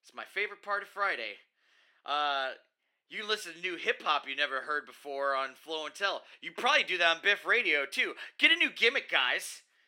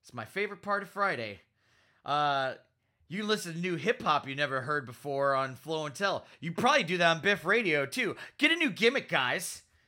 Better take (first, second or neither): second